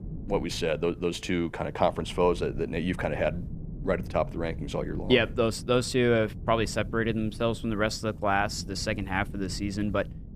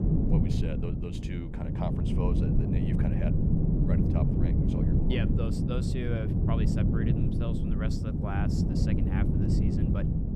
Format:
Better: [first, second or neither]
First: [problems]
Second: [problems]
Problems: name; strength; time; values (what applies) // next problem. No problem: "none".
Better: first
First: wind noise on the microphone; occasional gusts; 20 dB below the speech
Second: wind noise on the microphone; heavy; 4 dB above the speech